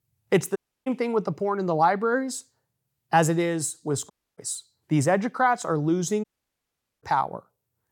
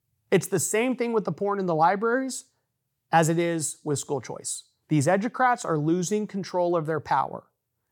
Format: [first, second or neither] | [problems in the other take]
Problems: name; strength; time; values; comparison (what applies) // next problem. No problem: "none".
second | audio cutting out; at 0.5 s, at 4 s and at 6 s for 1 s